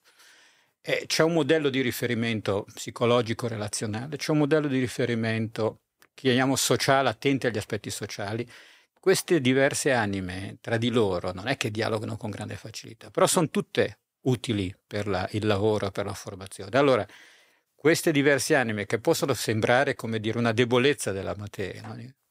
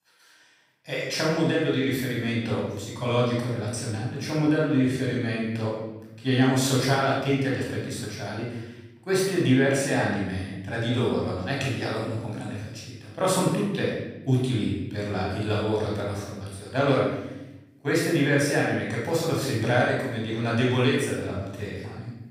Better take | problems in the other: first | off-mic speech; far // room echo; strong; dies away in 1 s

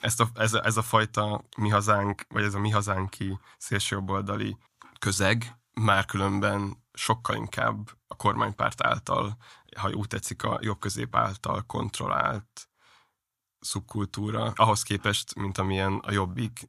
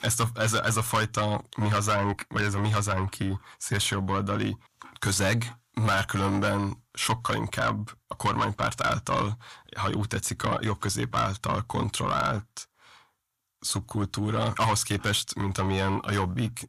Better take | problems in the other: first | distortion; heavy; 7 dB below the speech

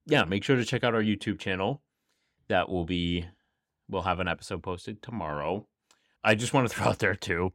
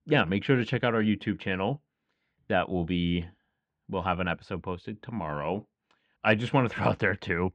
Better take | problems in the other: first | muffled; slightly; fading above 2.5 kHz

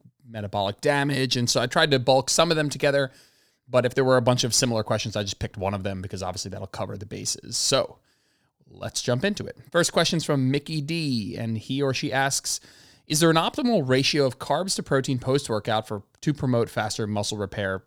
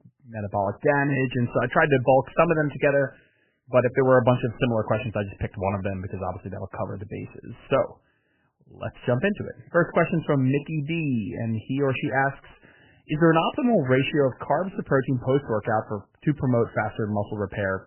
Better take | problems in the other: first | garbled, watery; badly; nothing above 3 kHz

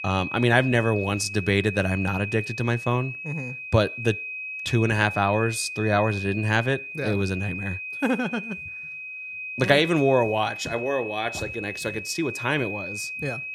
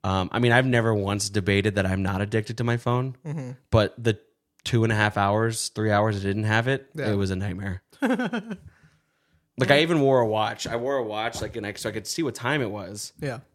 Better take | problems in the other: second | high-pitched whine; loud; throughout; 2.5 kHz, 7 dB below the speech

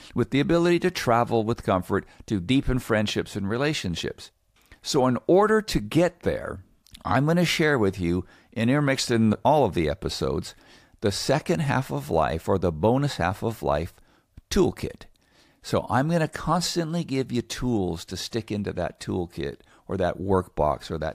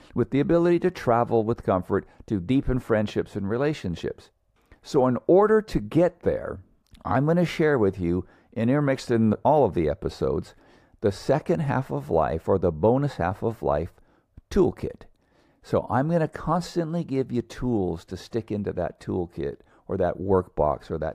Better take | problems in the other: first | muffled; slightly; fading above 2 kHz

